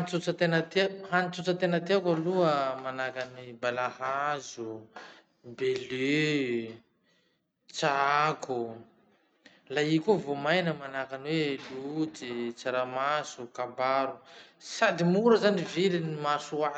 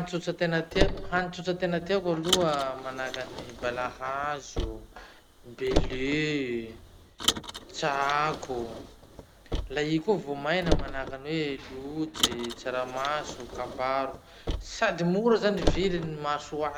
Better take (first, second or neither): first